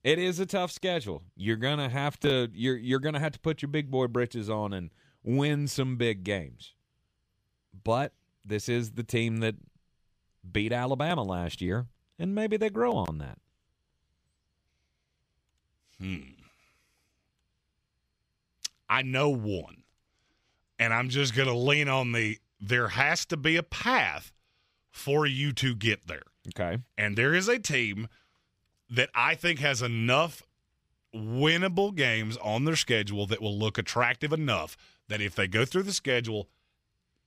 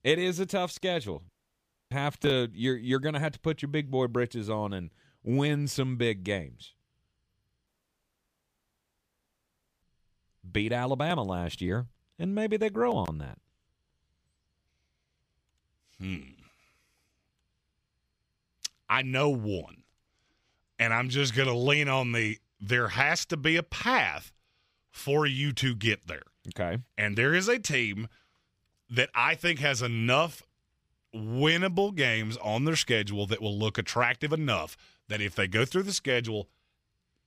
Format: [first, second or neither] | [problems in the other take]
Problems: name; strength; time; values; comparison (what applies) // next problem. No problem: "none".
first | audio cutting out; at 1.5 s for 0.5 s and at 7.5 s for 2 s